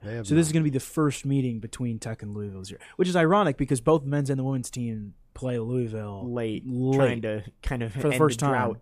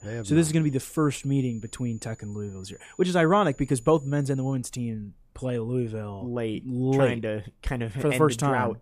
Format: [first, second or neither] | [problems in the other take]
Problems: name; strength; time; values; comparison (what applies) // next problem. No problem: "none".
first | high-pitched whine; faint; until 4.5 s; 7 kHz, 30 dB below the speech